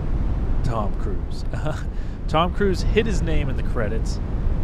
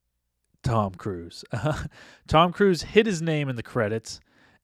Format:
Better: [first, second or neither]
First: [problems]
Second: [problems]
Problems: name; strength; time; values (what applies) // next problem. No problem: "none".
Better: second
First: low rumble; noticeable; throughout; 10 dB below the speech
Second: none